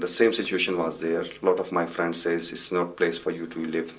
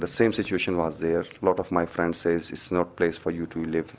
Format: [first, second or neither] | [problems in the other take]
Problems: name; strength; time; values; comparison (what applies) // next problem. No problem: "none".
second | room echo; dies away in 0.2 s